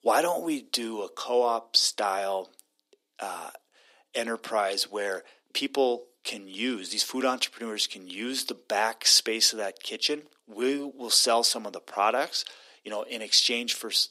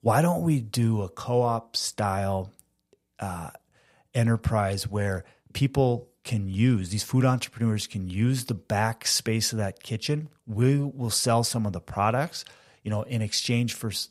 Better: second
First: thin; somewhat; fading below 300 Hz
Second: none

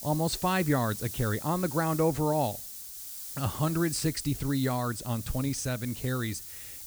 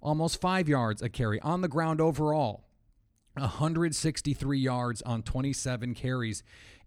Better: second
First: hiss; loud; throughout; 9 dB below the speech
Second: none

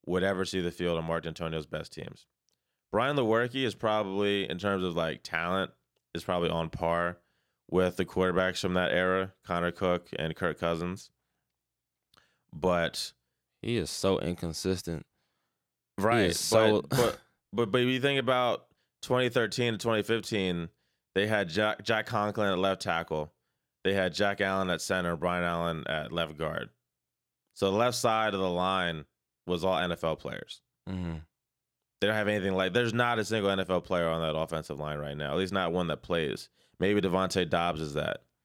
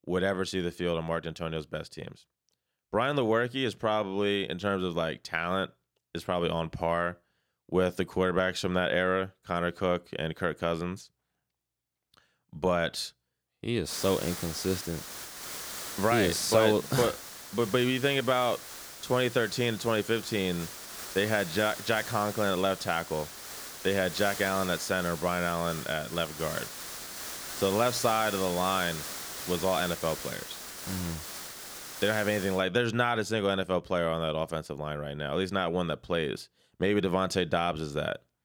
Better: first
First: none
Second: hiss; loud; from 14 to 33 s; 9 dB below the speech

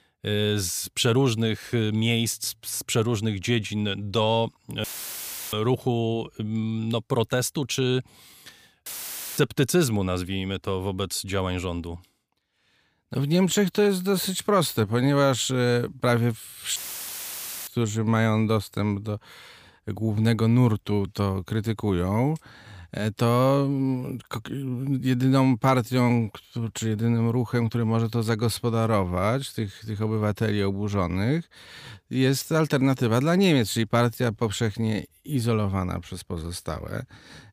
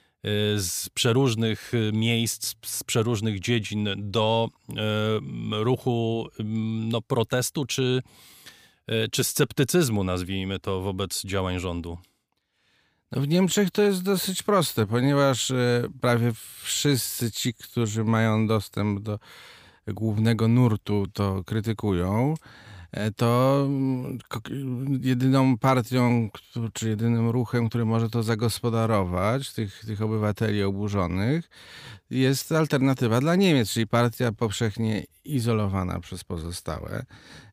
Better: second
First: audio cutting out; filled with static; at 5 s for 0.5 s, at 9 s for 0.5 s and at 17 s for 1 s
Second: none

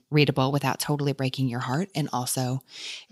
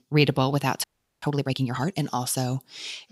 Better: first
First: none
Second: audio freezing; at 1 s

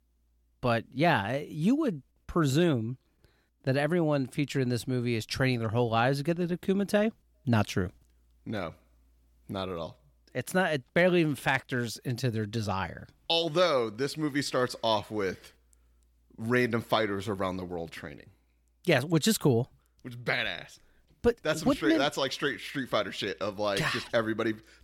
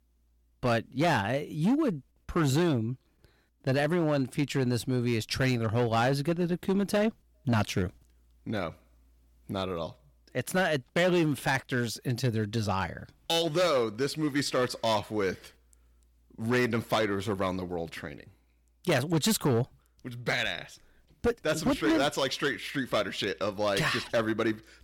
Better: first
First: none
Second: distortion; slight; 6% of the sound clipped

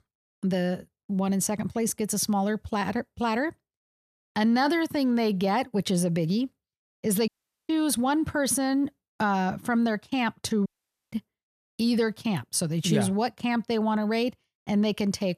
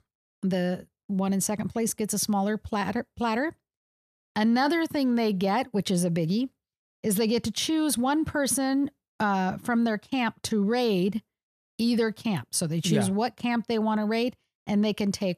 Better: second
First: audio cutting out; at 7.5 s and at 11 s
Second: none

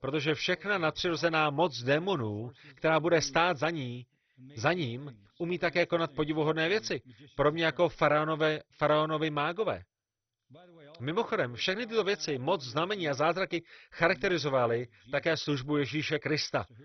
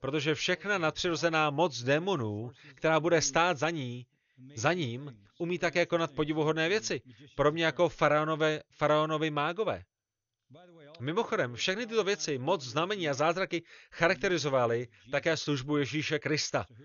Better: second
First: garbled, watery; badly; nothing above 6 kHz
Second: garbled, watery; slightly; nothing above 6.5 kHz

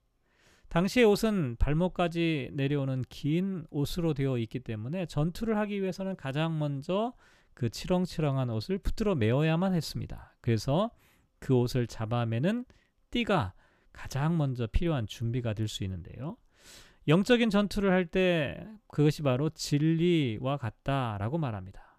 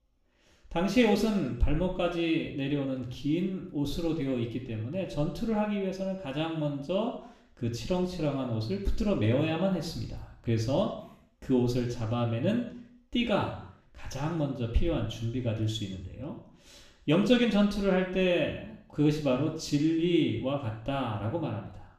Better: first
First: none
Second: room echo; noticeable; dies away in 0.6 s // off-mic speech; somewhat distant

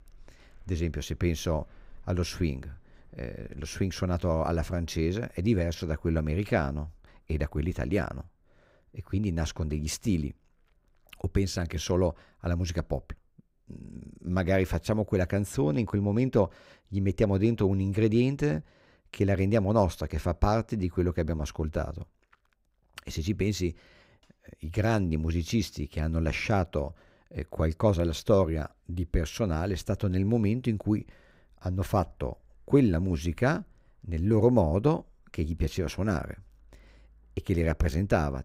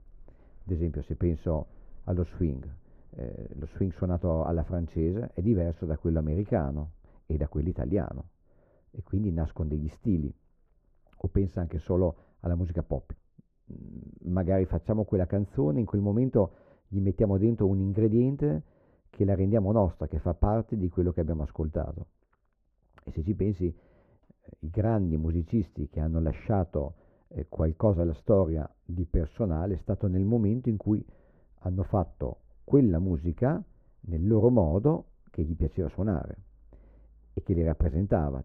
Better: first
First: none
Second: muffled; very; fading above 2 kHz

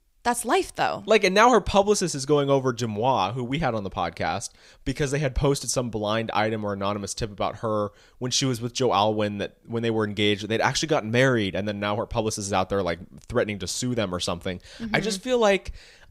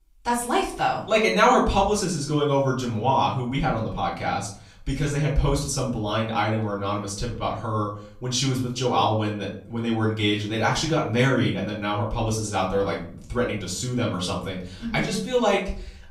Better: first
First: none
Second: room echo; slight; dies away in 0.5 s // off-mic speech; far

